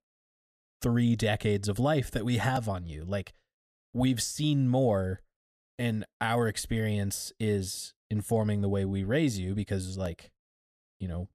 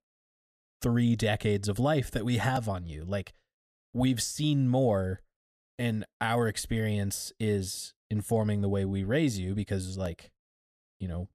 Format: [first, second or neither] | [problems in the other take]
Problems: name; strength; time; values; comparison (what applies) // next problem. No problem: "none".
neither | none